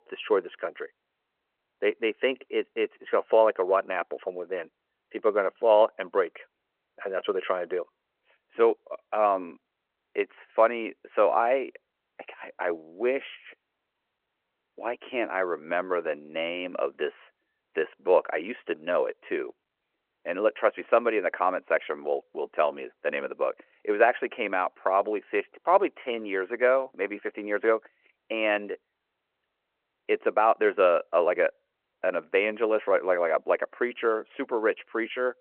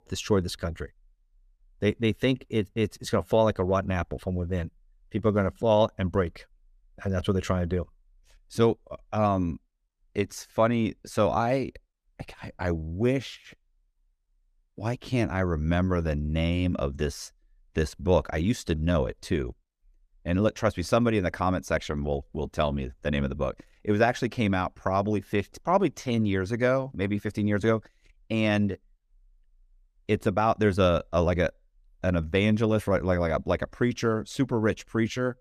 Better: second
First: phone-call audio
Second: none

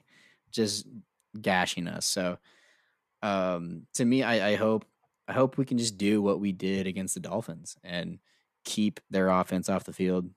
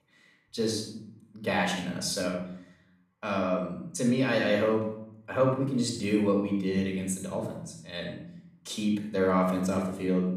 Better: first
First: none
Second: off-mic speech; far // room echo; noticeable; dies away in 0.6 s

